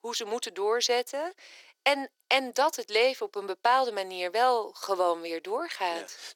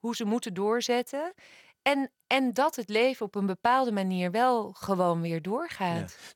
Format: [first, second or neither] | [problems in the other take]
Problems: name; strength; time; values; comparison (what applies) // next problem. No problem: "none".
second | thin; very; fading below 300 Hz